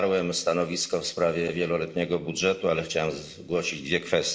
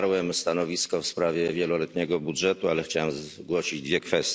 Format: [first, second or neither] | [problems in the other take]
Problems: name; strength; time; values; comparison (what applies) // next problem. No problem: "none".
second | room echo; dies away in 1.6 s